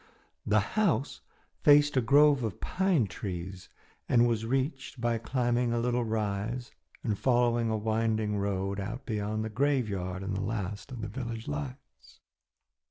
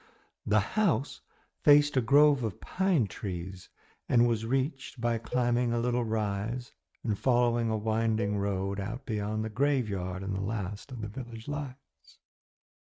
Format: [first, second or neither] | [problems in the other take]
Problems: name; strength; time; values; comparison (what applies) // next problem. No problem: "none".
first | noise reduction (neural mask model RNNoise)